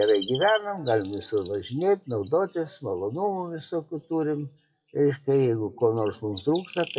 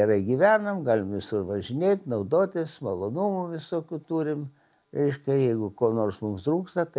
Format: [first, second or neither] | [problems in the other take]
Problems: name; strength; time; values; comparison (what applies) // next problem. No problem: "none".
second | noise reduction (classical method WPE with log-MMSE)